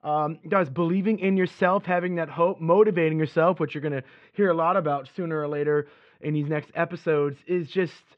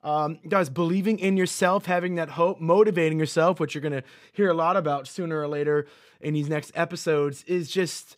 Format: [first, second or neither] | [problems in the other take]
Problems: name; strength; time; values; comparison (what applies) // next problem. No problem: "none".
second | muffled; very; fading above 3 kHz